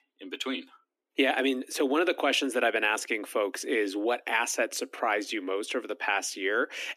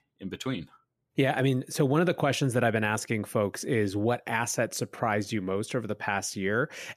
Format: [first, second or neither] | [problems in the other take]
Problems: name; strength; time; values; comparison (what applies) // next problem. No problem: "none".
second | thin; very slightly; fading below 250 Hz